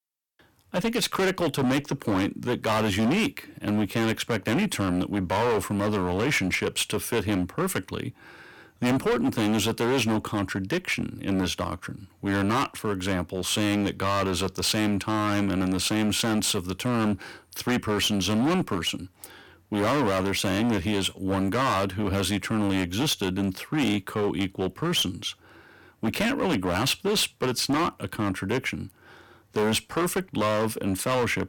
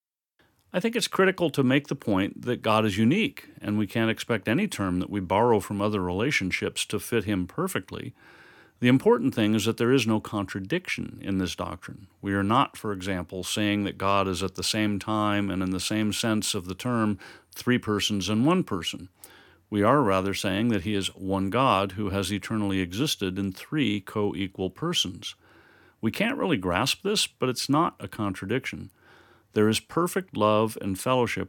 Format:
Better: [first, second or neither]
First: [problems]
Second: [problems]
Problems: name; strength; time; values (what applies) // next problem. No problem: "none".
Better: second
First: distortion; heavy; 16% of the sound clipped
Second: none